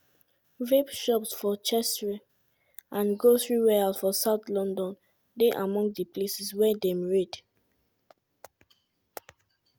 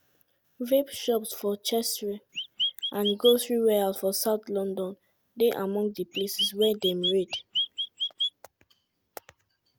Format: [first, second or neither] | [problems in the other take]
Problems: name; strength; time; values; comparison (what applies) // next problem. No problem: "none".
first | background sound (Chirp, tweet); 2 dB below the speech